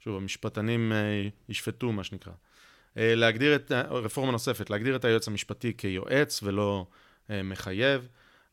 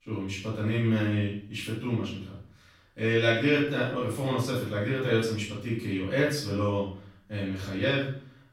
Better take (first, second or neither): first